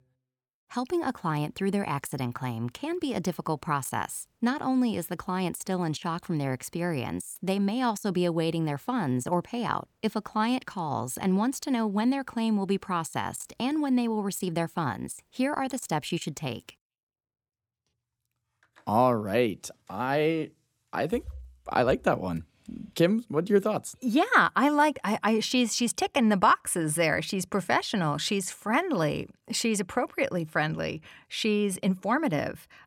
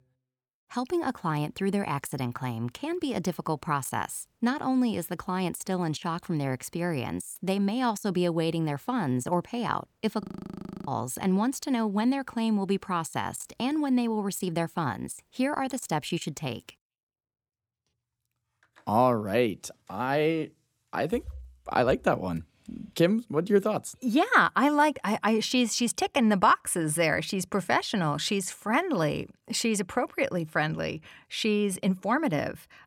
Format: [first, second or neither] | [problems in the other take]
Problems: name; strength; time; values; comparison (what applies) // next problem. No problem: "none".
first | audio freezing; at 10 s for 0.5 s